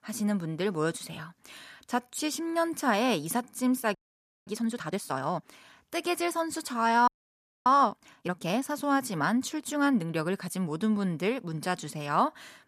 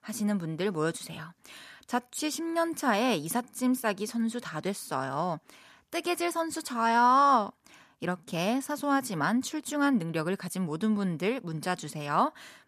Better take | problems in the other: second | audio freezing; at 4 s for 0.5 s and at 7 s for 0.5 s

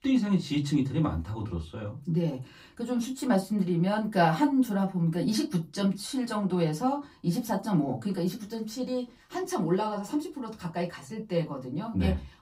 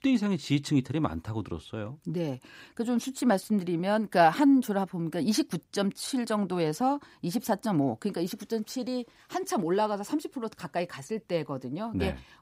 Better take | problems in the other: second | off-mic speech; far // room echo; very slight; dies away in 0.2 s

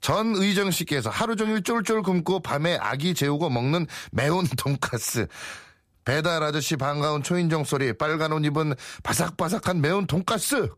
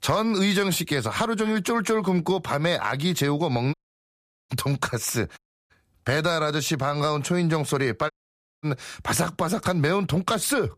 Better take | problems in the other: first | audio cutting out; at 3.5 s for 1 s, at 5.5 s and at 8 s for 0.5 s

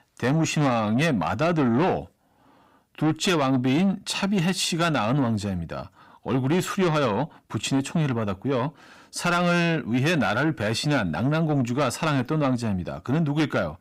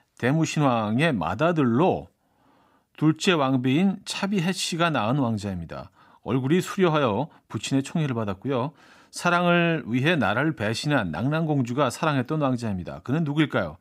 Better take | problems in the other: second | distortion; slight; 10 dB below the speech

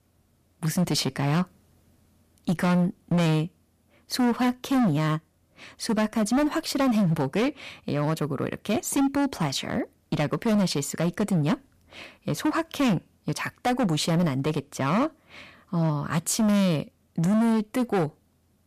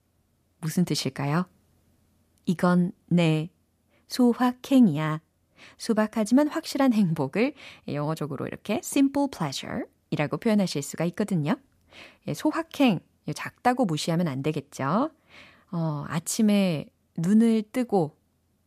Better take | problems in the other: second | distortion; heavy; 14% of the sound clipped

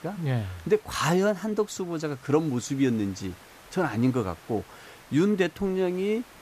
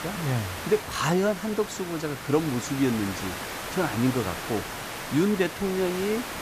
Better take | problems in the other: first | hiss; loud; throughout; 7 dB below the speech; faint in the first

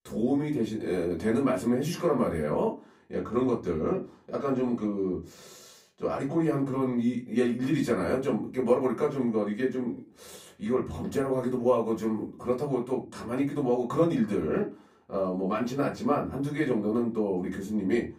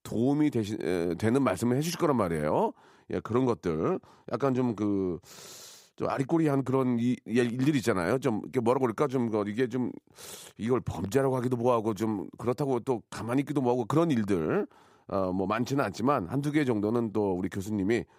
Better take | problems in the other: second | off-mic speech; far // room echo; very slight; dies away in 0.2 s

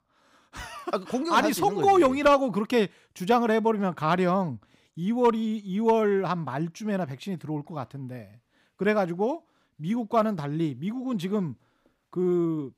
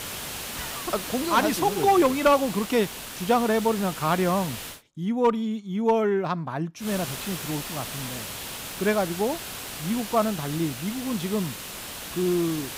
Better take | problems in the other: first | hiss; loud; until 4.5 s and from 7 s on; 8 dB below the speech

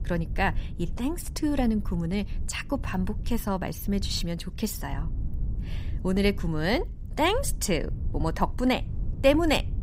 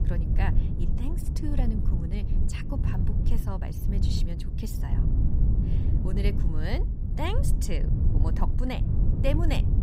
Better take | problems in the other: first | low rumble; loud; throughout; 4 dB below the speech; faint in the first

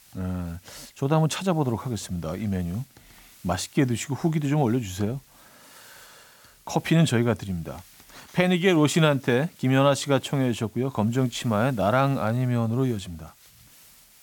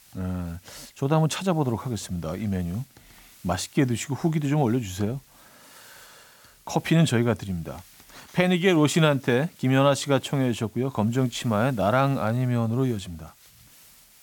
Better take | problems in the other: neither | hiss; faint; throughout; 25 dB below the speech; the same in both

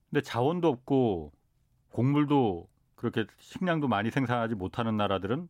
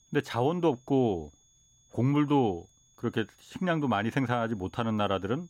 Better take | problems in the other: first | high-pitched whine; faint; throughout; 6.5 kHz, 35 dB below the speech

